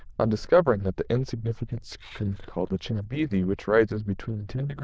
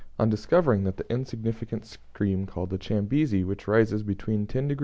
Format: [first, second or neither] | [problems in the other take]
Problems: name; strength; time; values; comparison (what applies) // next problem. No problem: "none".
second | noise reduction (neural diffusion model UNIVERSE++)